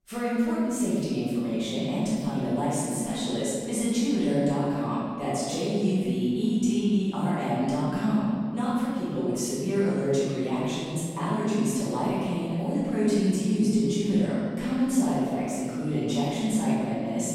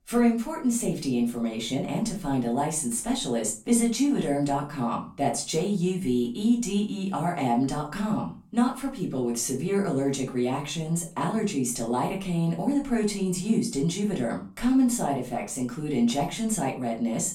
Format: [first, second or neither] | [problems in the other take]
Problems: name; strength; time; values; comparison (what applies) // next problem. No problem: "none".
second | room echo; strong; dies away in 2.3 s; slight in the second // off-mic speech; far; far in the second